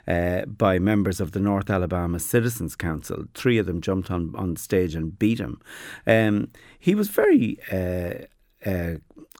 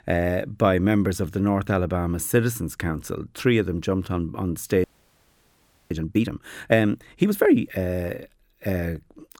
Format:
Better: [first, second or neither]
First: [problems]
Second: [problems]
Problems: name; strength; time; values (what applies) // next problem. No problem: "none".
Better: first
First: none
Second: audio freezing; at 5 s for 1 s